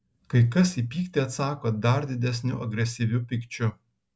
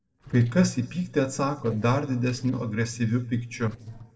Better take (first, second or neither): first